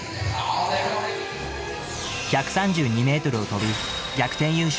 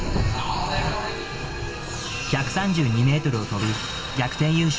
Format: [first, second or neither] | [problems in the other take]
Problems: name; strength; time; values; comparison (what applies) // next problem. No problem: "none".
first | background sound (Rain / Thunderstorm); 8 dB below the speech // room echo; dies away in 1.1 s